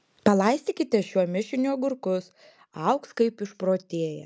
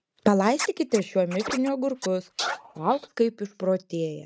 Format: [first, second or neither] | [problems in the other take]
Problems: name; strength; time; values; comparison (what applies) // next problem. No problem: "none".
first | noise reduction (neural mask model RNNoise)